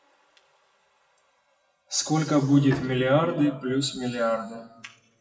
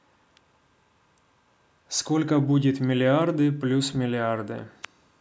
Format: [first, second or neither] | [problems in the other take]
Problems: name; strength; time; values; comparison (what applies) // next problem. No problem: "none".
second | noise reduction (classical method WPE with log-MMSE)